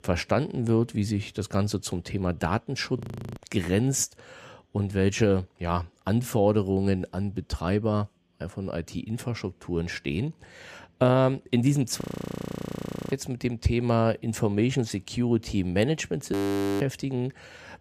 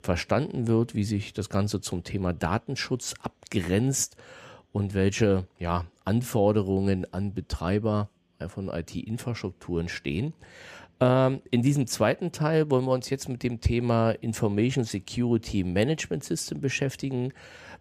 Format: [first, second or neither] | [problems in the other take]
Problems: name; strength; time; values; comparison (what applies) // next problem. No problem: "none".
second | audio freezing; at 3 s, at 12 s for 1 s and at 16 s